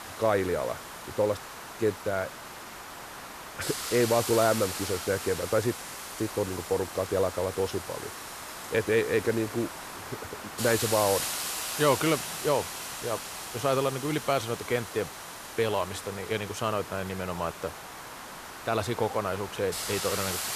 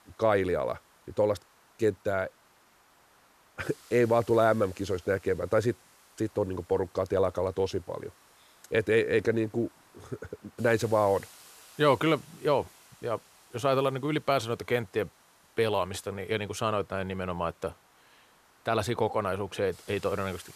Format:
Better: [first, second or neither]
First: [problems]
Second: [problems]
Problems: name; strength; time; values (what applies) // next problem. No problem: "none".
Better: second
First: hiss; loud; throughout; 6 dB below the speech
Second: hiss; faint; throughout; 25 dB below the speech